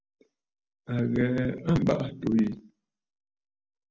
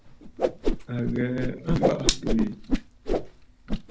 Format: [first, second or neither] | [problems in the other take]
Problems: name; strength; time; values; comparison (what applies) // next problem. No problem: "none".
first | background sound (Whoosh, swoosh, swish); 3 dB above the speech